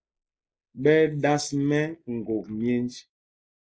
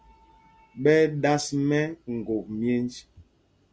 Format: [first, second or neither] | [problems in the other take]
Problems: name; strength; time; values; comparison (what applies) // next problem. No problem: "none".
second | noise reduction (neural mask model Resemble Enhance denoiser)